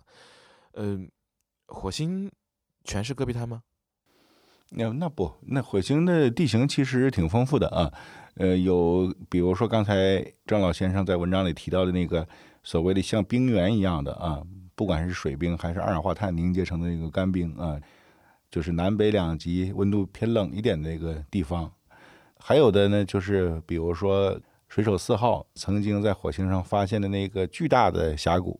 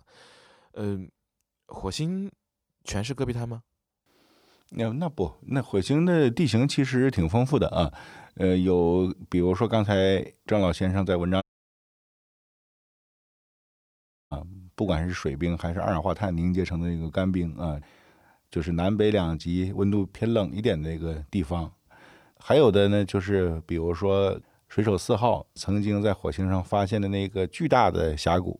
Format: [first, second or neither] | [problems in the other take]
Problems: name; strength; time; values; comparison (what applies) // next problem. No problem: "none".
first | audio cutting out; at 11 s for 3 s